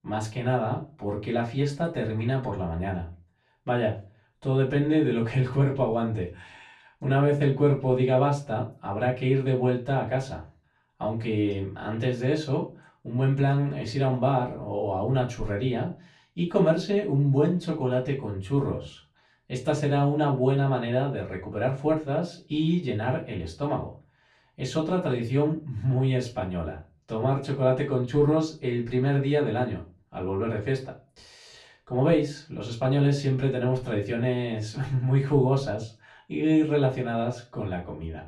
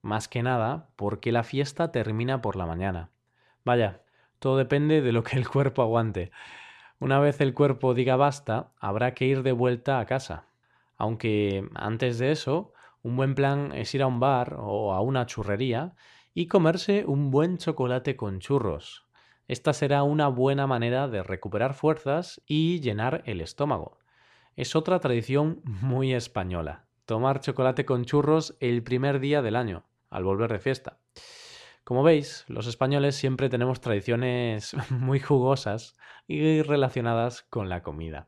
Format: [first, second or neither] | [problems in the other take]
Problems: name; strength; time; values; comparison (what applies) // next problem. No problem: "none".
second | off-mic speech; far // room echo; very slight; dies away in 0.3 s